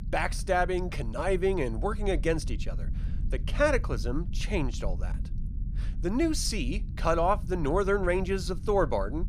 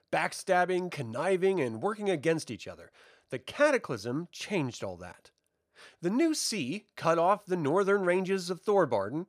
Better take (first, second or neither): second